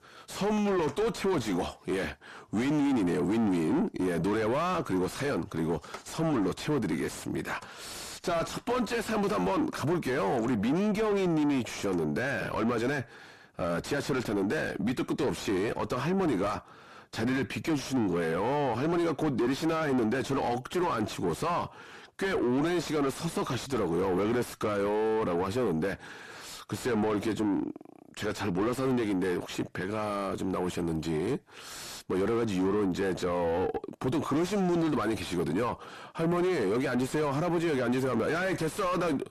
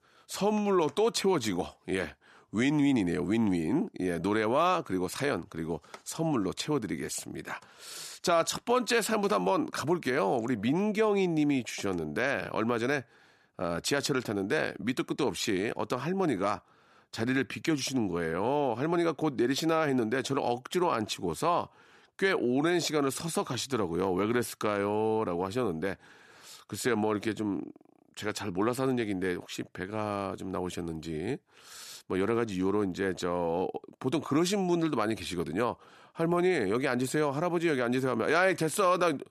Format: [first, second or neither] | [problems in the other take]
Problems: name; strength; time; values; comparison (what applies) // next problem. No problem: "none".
second | distortion; heavy; 6 dB below the speech